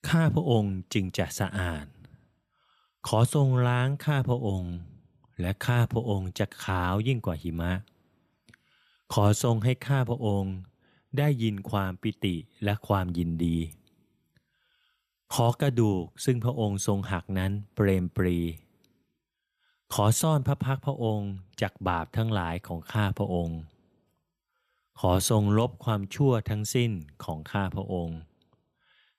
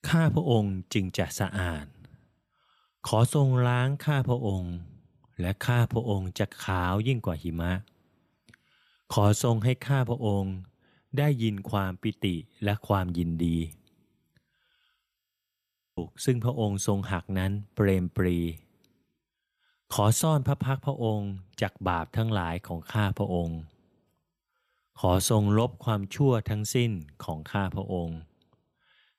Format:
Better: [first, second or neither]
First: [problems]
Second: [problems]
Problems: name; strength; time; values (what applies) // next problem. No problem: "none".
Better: first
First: none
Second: audio freezing; at 15 s for 1 s